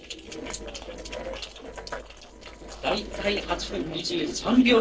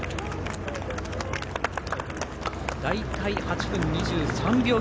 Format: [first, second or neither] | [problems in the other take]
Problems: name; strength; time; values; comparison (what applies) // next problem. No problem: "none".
second | noise reduction (neural separator model SepFormer DNS4)